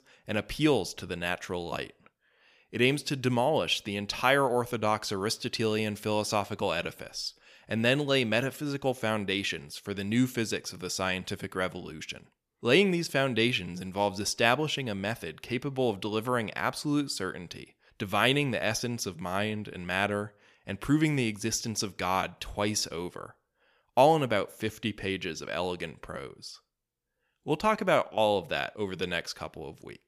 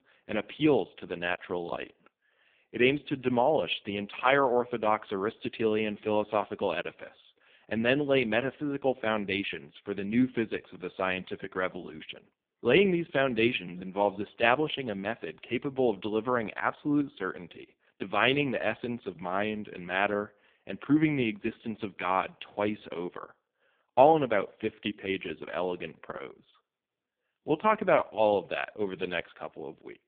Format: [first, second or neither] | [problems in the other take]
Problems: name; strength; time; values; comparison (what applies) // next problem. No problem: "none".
first | phone-call audio; poor line